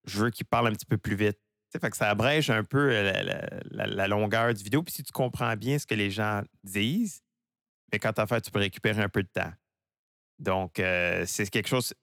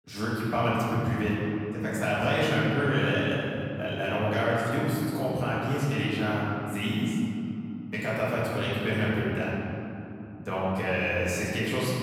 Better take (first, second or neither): first